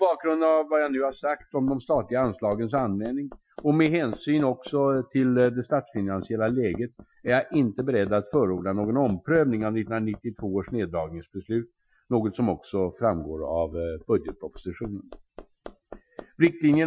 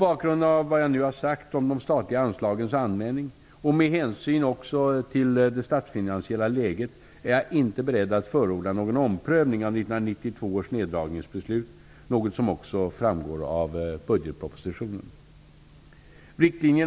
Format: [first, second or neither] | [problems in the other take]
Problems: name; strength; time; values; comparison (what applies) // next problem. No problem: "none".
second | noise reduction (classical method Wiener filter)